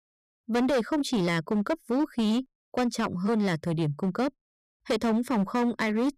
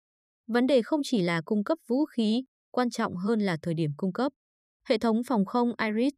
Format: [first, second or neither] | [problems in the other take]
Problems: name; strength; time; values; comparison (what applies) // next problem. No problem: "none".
second | distortion; slight; 15% of the sound clipped